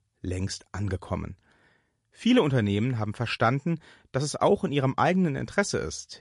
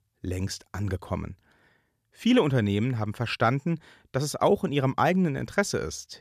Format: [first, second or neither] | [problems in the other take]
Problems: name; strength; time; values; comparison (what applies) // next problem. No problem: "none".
second | garbled, watery; slightly; nothing above 9 kHz